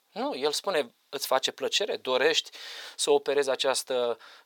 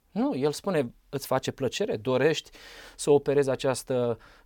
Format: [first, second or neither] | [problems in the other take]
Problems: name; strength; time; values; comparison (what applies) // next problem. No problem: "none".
second | thin; somewhat; fading below 550 Hz